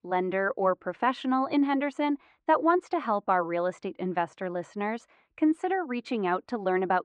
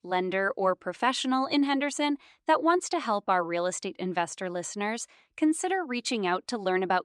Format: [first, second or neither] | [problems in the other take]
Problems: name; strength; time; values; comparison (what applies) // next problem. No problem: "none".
second | muffled; very; fading above 4 kHz